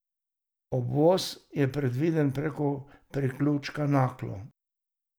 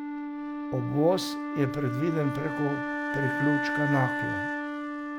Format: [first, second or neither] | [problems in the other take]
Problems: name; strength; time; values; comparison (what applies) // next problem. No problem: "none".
first | background sound (Wind instrument, woodwind instrument); 1 dB below the speech